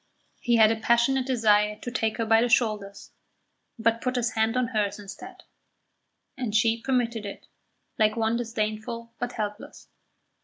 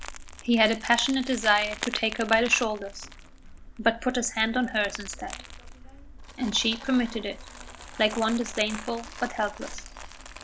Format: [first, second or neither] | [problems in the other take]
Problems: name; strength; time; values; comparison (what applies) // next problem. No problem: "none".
first | background sound (Crumpling, crinkling); 12 dB below the speech